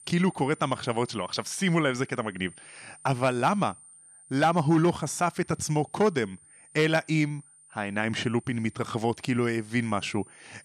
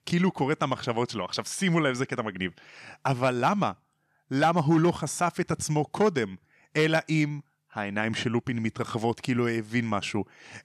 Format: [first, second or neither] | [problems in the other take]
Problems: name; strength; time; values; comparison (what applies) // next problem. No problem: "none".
second | high-pitched whine; faint; throughout; 9 kHz, 25 dB below the speech